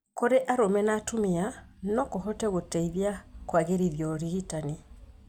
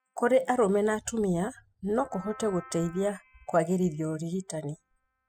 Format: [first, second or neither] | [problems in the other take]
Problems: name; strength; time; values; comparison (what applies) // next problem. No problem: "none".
first | noise reduction (classical method spectral subtraction)